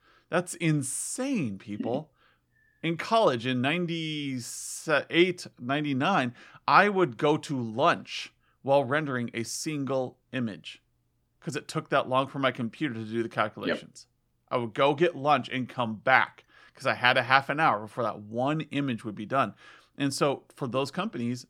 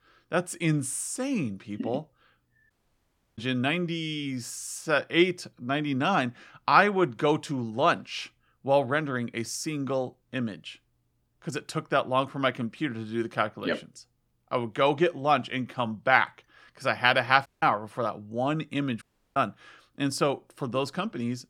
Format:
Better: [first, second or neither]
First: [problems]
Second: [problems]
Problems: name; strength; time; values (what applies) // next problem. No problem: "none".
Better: first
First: none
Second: audio cutting out; at 2.5 s for 0.5 s, at 17 s and at 19 s